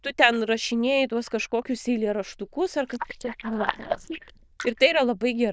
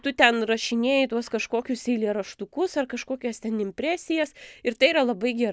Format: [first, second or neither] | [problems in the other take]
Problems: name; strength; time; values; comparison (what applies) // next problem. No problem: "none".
second | noise reduction (neural diffusion model UNIVERSE++)